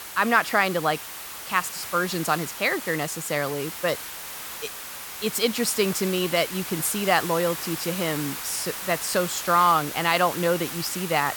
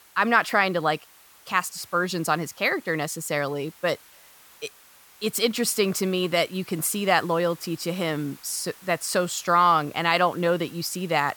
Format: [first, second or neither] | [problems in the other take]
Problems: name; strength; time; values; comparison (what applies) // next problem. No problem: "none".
second | hiss; loud; throughout; 8 dB below the speech; faint in the second